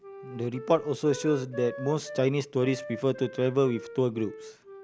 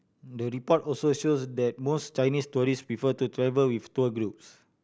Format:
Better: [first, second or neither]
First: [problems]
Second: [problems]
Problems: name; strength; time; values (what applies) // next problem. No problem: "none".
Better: second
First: background sound (Wind instrument, woodwind instrument); 14 dB below the speech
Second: none